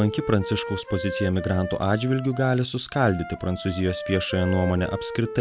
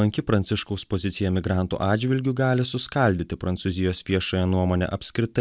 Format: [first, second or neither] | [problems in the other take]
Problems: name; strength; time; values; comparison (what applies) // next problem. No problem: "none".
second | background sound (Wind instrument, woodwind instrument); 10 dB below the speech